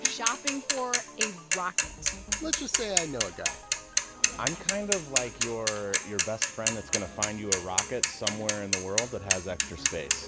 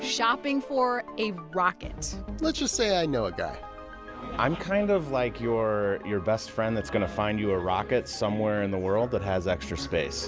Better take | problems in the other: second | background sound (Mechanisms / Bicycle); 4 dB above the speech

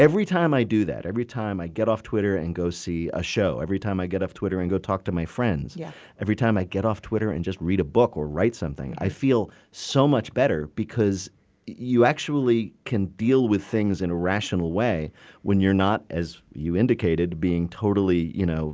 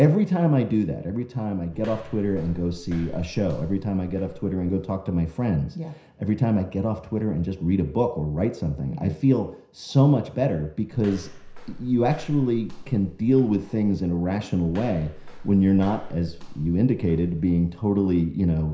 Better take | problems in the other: first | background sound (Walk, footsteps); 16 dB below the speech // room echo; dies away in 0.5 s

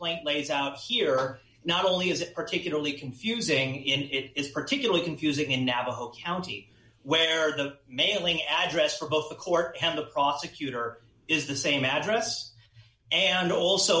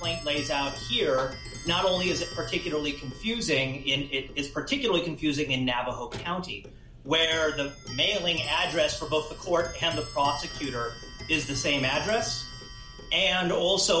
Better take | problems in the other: first | background sound (Clock); 12 dB below the speech

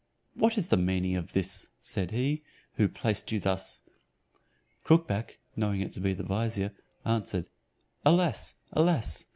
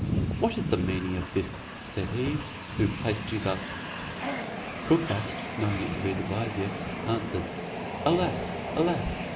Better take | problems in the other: first | background sound (Train); 3 dB below the speech // room echo; dies away in 2.7 s

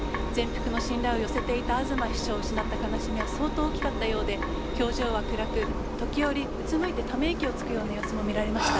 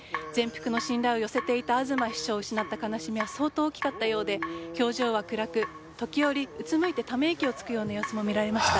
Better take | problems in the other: second | background sound (Engine); as loud as the speech

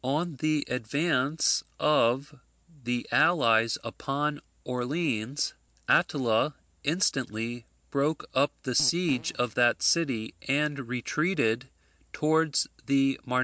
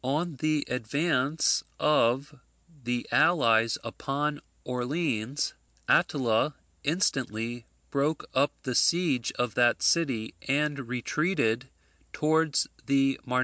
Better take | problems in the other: second | background sound (Fart); 20 dB below the speech

